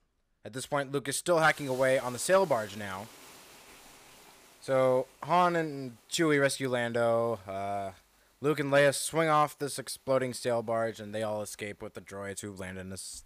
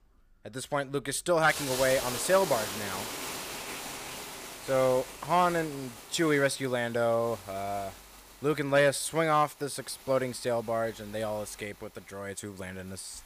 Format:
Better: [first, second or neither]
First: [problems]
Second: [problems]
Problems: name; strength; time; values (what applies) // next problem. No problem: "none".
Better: first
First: hiss; faint; throughout; 25 dB below the speech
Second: hiss; loud; throughout; 9 dB below the speech